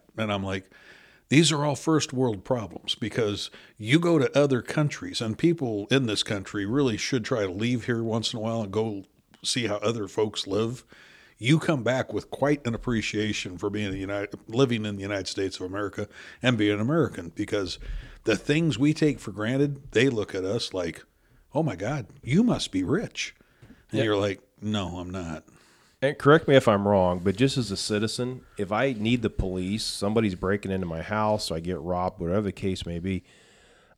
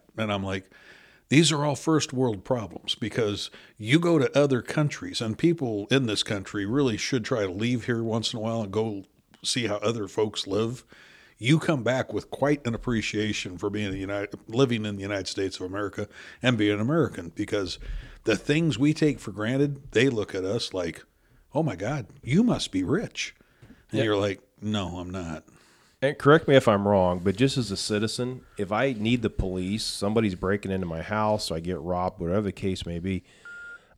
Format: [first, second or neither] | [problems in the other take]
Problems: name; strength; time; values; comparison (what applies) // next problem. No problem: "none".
first | phone ringing; faint; at 33 s; peak 15 dB below the speech